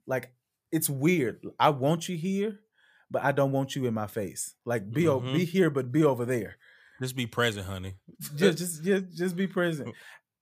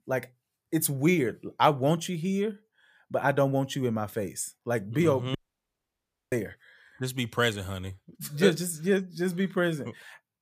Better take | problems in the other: first | audio cutting out; at 5.5 s for 1 s

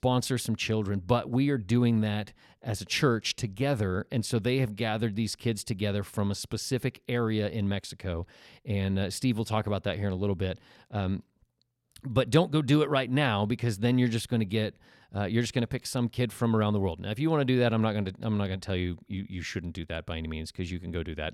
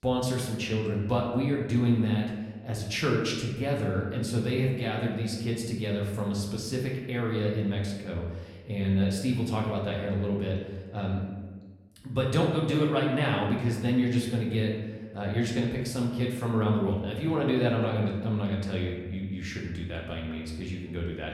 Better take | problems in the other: first | room echo; noticeable; dies away in 1.1 s // off-mic speech; somewhat distant

